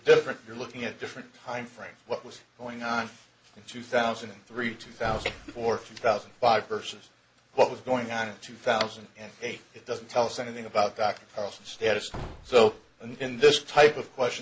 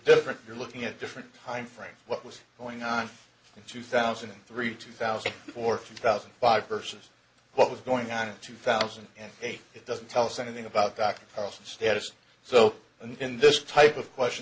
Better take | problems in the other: second | background sound (Slam / Wood); 17 dB below the speech

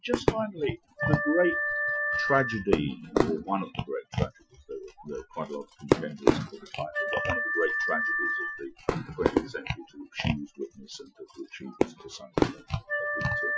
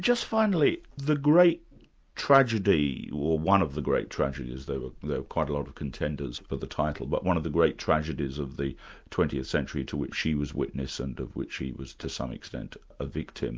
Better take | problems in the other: second | noise reduction (classical method Wiener filter)

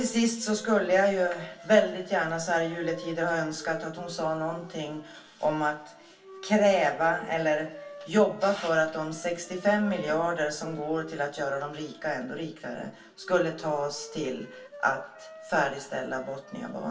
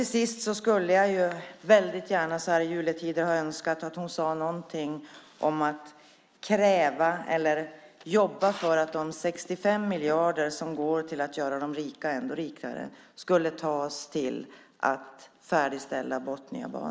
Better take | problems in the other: second | background sound (Wind instrument, woodwind instrument); 19 dB below the speech // room echo; dies away in 0.2 s

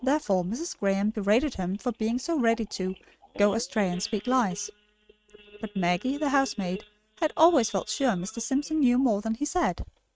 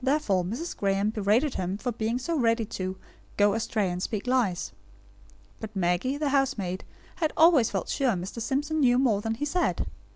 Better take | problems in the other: second | noise reduction (neural mask model RNNoise)

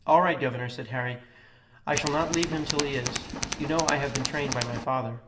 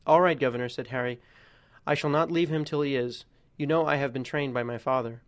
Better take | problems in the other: second | background sound (Tools); 5 dB below the speech // room echo; dies away in 0.9 s

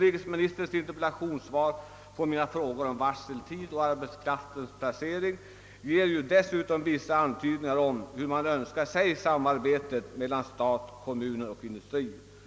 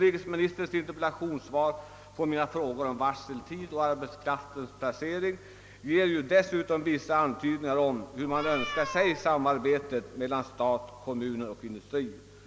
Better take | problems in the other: first | background sound (Meow); 8 dB below the speech

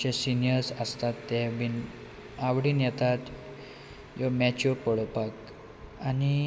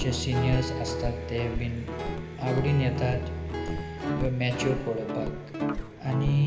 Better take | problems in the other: first | background sound (Guitar); 3 dB below the speech // room echo; dies away in 0.8 s

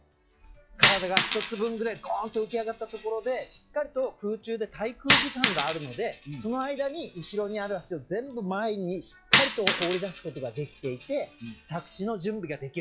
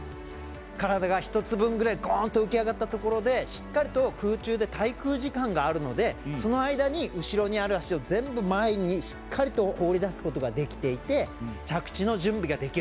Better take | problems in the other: second | noise reduction (classical method log-MMSE)

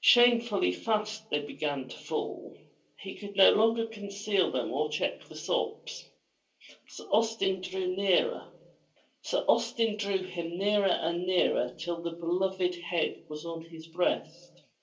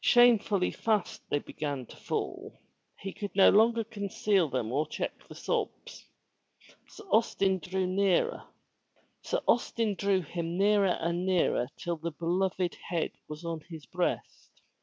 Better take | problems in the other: second | room echo; dies away in 0.3 s

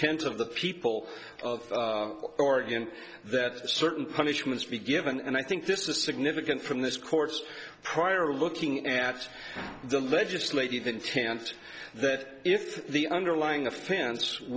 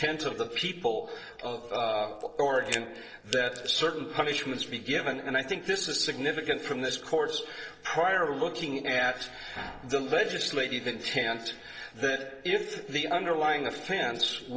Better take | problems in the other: first | noise reduction (neural separator model SepFormer DNS4)

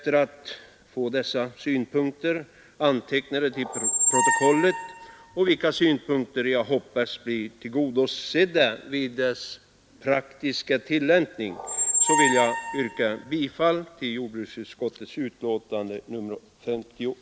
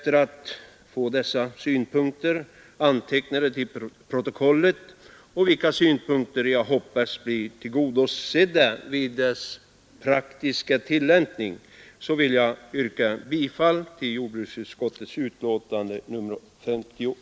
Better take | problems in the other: second | background sound (Squeak); as loud as the speech

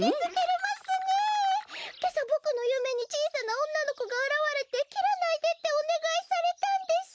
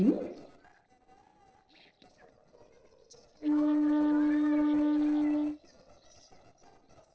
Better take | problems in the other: first | noise reduction (neural separator model SepFormer DNS4)

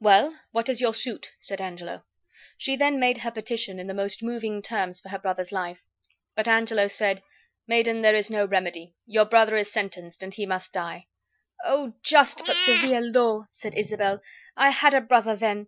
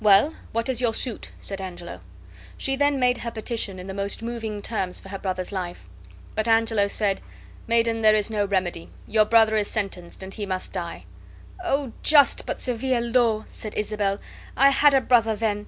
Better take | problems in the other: second | noise reduction (classical method Wiener filter)

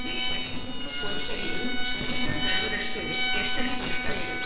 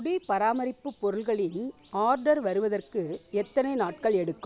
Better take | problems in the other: second | noise reduction (neural separator model SepFormer WHAMR!)

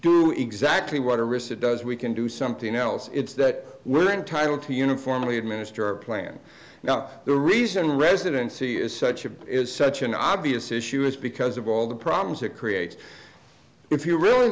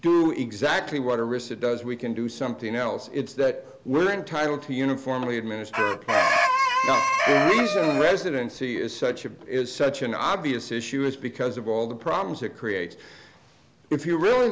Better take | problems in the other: first | background sound (Chicken, rooster); 3 dB above the speech

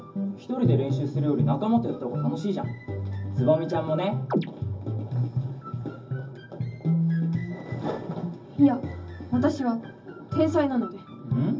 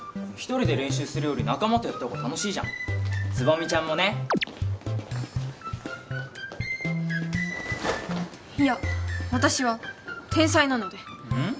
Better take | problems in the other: second | room echo; dies away in 0.4 s

